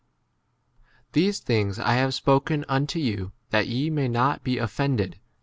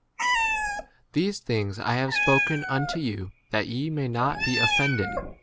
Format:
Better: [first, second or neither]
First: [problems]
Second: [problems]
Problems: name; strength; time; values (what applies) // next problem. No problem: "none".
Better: first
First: none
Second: background sound (Meow); 1 dB below the speech